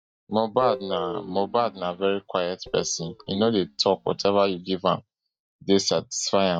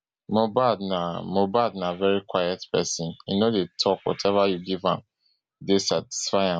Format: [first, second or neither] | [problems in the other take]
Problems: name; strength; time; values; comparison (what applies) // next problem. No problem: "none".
second | noise reduction (neural mask model DeepFilterNet 3)